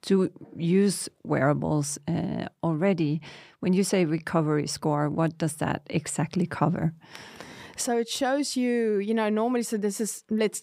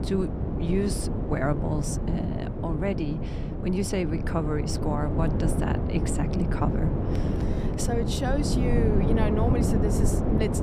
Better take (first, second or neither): first